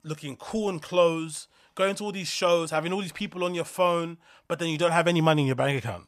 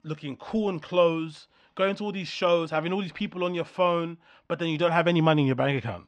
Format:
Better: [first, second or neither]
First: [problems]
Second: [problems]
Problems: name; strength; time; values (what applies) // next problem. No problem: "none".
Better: first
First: none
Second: muffled; slightly; fading above 4 kHz